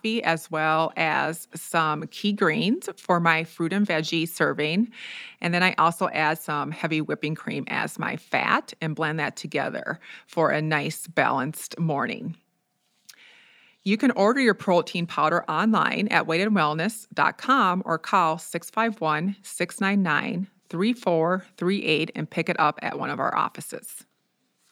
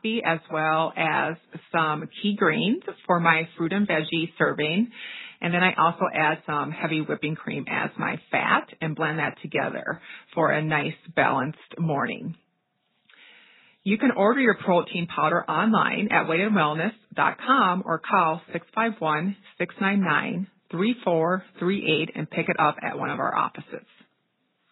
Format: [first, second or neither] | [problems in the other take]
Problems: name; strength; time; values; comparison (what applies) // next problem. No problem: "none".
first | garbled, watery; badly; nothing above 4 kHz